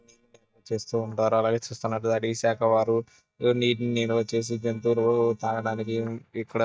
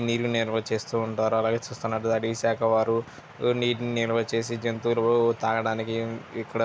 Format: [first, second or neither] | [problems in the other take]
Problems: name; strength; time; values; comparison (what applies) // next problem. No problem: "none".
second | noise reduction (neural mask model DeepFilterNet 3)